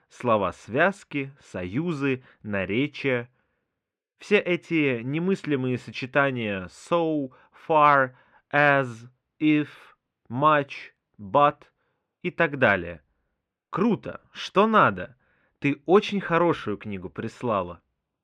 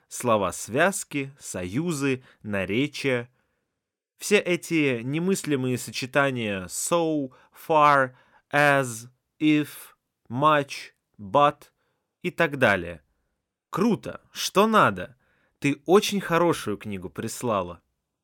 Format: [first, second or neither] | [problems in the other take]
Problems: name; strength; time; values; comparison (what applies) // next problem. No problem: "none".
second | muffled; slightly; fading above 2.5 kHz